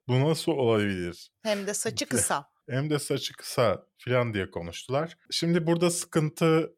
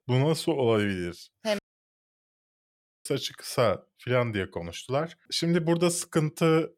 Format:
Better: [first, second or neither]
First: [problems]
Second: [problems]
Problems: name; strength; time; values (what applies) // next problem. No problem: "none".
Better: first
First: none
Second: audio cutting out; at 1.5 s for 1.5 s